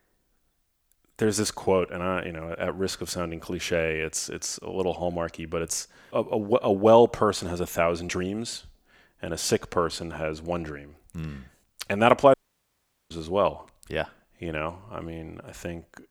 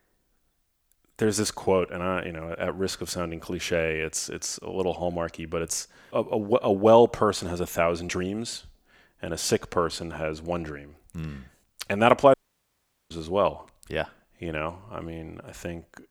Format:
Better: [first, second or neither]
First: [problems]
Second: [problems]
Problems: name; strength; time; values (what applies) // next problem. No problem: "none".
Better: neither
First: audio cutting out; at 12 s for 1 s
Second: audio cutting out; at 12 s for 1 s